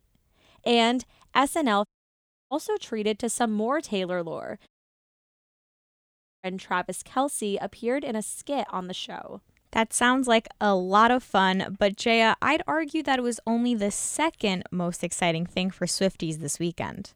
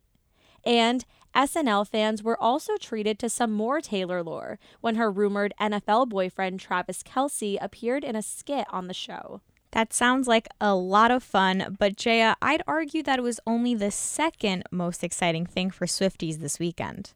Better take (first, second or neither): second